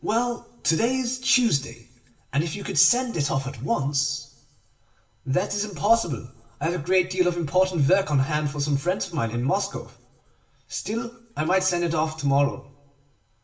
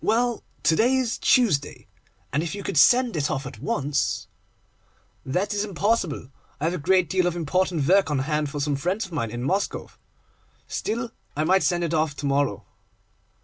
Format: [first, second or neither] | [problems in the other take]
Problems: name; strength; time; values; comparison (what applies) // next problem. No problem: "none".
second | room echo; dies away in 0.6 s